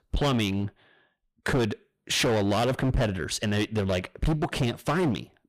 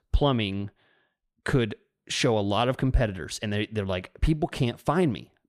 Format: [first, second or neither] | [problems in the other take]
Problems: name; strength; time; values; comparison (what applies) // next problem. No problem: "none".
second | distortion; heavy; 16% of the sound clipped